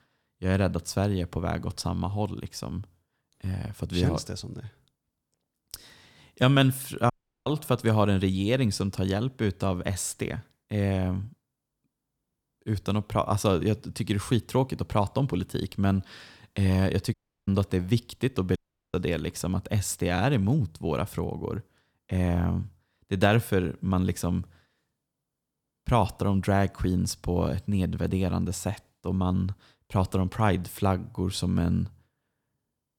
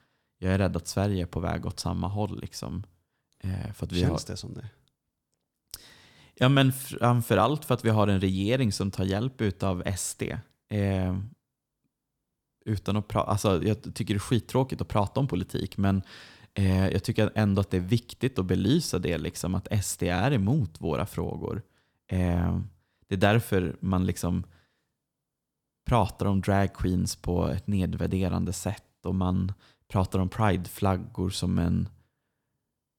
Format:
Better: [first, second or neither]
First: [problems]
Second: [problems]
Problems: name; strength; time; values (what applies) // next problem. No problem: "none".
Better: second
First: audio cutting out; at 7 s, at 17 s and at 19 s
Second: none